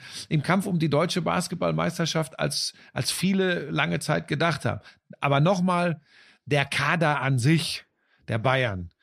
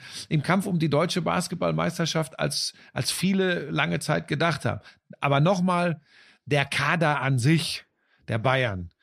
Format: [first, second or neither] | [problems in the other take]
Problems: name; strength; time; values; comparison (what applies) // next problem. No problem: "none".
neither | none